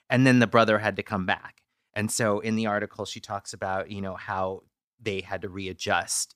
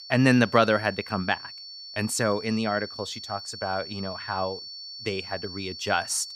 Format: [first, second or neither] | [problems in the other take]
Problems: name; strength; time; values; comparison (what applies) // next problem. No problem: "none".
first | high-pitched whine; noticeable; throughout; 4.5 kHz, 10 dB below the speech